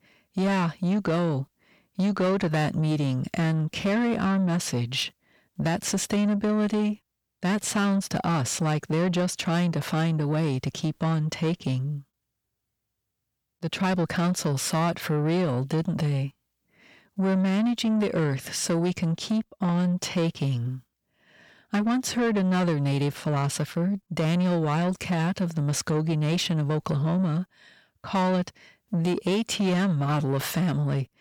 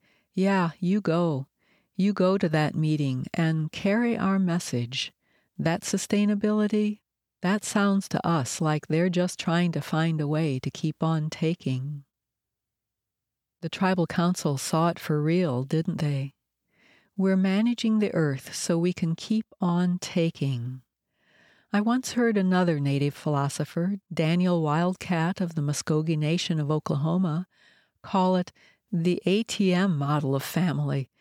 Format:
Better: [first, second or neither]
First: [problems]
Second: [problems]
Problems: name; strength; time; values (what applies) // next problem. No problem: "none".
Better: second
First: distortion; slight; 10 dB below the speech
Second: none